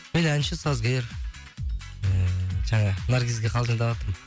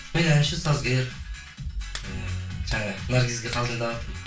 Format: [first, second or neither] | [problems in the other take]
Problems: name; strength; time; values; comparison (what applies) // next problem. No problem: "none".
first | background sound (Hands); 19 dB below the speech // room echo; dies away in 0.3 s